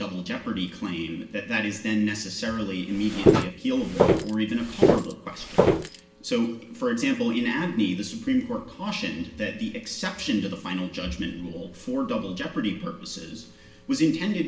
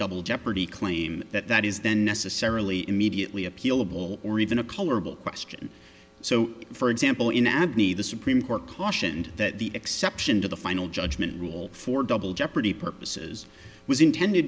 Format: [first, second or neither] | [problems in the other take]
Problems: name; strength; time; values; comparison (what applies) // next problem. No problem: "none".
second | background sound (Walk, footsteps); 5 dB above the speech // room echo; dies away in 0.8 s